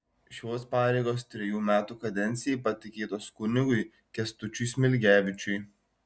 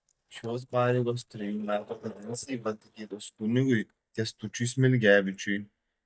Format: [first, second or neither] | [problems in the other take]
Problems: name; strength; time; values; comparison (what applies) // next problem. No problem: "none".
first | noise reduction (neural mask model DeepFilterNet 3)